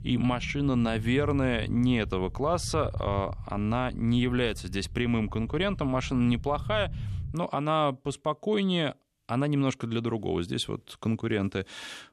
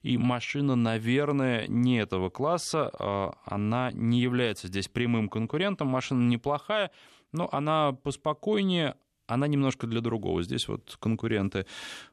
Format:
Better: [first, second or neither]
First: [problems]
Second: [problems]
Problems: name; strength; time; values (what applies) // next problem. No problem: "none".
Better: second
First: low rumble; faint; until 7.5 s; 20 dB below the speech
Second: none